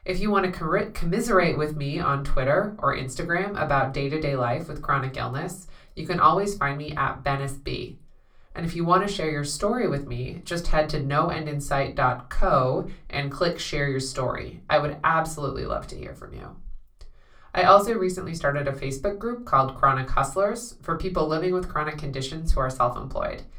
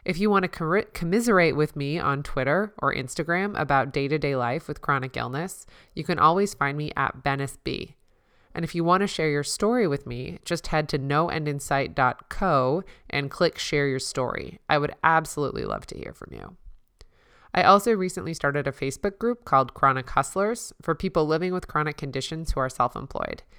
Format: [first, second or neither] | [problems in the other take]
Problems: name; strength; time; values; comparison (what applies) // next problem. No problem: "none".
second | off-mic speech; far // room echo; very slight; dies away in 0.2 s